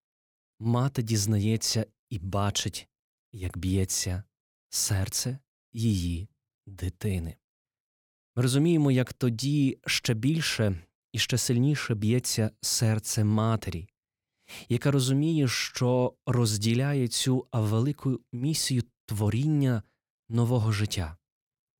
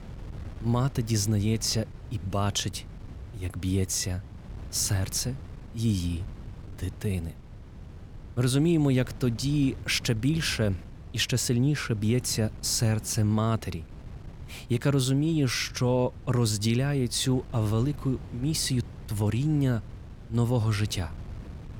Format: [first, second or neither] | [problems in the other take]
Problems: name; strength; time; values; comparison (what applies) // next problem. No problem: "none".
first | wind noise on the microphone; occasional gusts; 20 dB below the speech